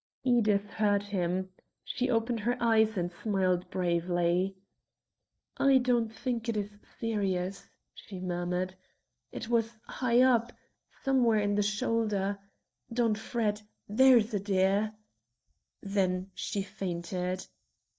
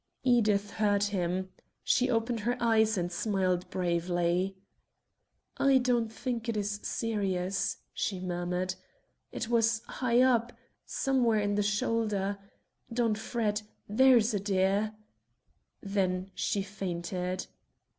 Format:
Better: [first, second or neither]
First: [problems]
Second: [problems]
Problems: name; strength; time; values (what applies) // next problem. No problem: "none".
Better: second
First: noise reduction (neural mask model DeepFilterNet 3)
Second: none